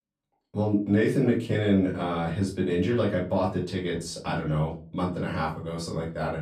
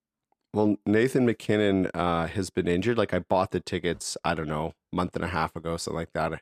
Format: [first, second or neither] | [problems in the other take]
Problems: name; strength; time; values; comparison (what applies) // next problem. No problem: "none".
second | off-mic speech; far // room echo; slight; dies away in 0.3 s